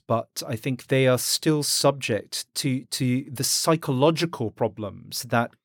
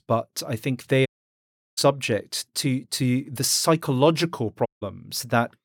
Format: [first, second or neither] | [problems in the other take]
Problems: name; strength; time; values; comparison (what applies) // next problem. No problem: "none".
first | audio cutting out; at 1 s for 0.5 s and at 4.5 s